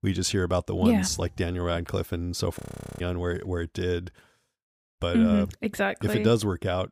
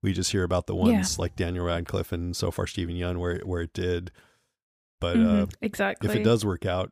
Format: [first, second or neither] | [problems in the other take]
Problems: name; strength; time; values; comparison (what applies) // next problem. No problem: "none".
second | audio freezing; at 2.5 s